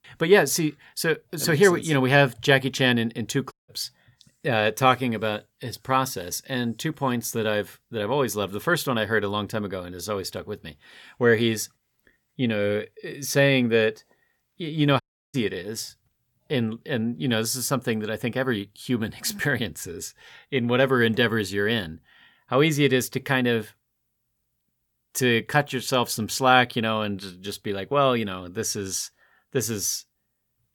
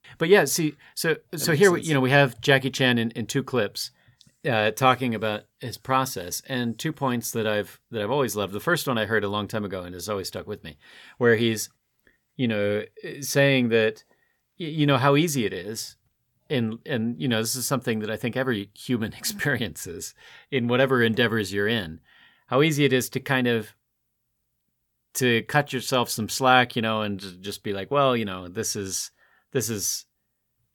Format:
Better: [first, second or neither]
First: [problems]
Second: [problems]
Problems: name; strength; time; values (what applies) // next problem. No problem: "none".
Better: second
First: audio cutting out; at 3.5 s and at 15 s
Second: none